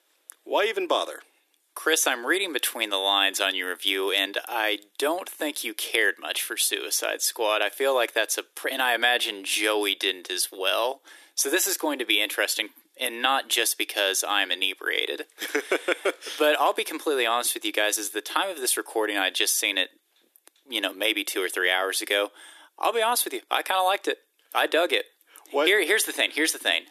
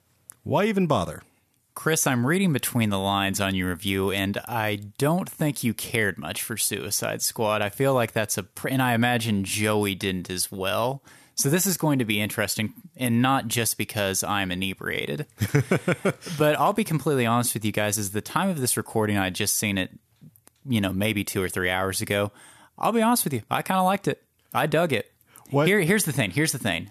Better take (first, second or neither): second